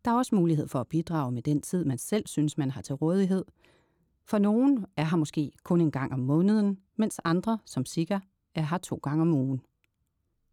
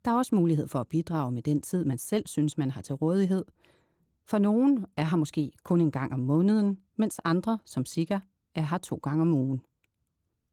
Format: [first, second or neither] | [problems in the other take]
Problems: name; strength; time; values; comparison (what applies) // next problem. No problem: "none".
first | garbled, watery; slightly; nothing above 19.5 kHz